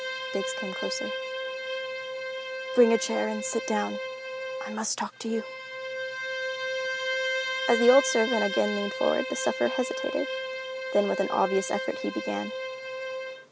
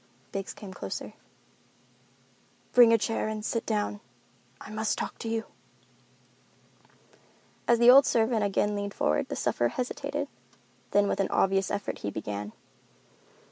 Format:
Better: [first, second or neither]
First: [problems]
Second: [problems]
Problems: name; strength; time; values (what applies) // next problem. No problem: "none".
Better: second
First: background sound (Bowed string instrument); 4 dB below the speech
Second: none